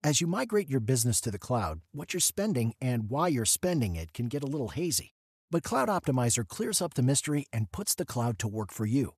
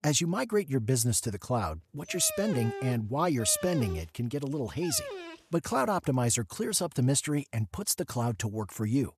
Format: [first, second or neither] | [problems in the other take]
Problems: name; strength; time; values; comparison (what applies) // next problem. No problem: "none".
first | dog barking; noticeable; from 2 to 5.5 s; peak 8 dB below the speech